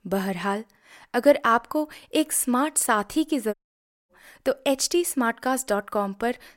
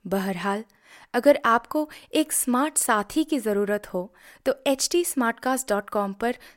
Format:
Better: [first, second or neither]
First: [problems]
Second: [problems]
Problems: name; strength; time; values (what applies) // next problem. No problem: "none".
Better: second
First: audio cutting out; at 3.5 s for 0.5 s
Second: none